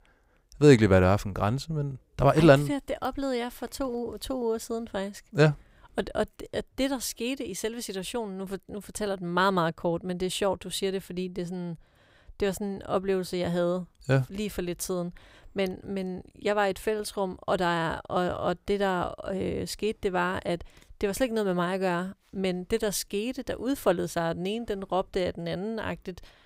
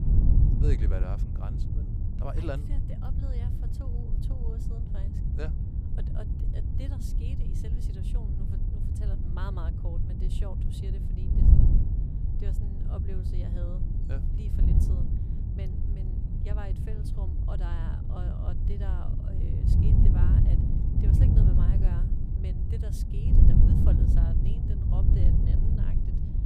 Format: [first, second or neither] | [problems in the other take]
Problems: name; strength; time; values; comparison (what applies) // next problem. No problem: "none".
first | wind noise on the microphone; heavy; 4 dB above the speech